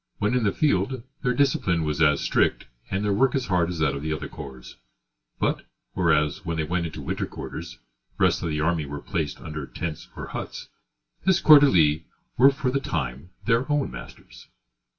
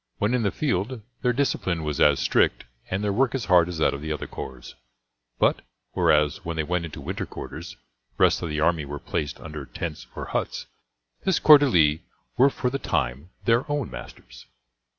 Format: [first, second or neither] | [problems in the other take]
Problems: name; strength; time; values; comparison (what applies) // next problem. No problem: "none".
second | room echo; dies away in 0.1 s